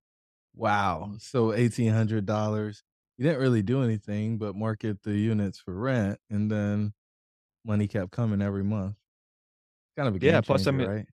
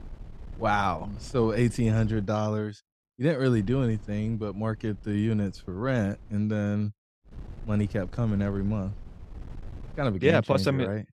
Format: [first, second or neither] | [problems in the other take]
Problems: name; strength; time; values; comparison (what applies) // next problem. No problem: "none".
first | wind noise on the microphone; occasional gusts; until 2 s, from 3.5 to 6.5 s and from 7.5 to 10 s; 25 dB below the speech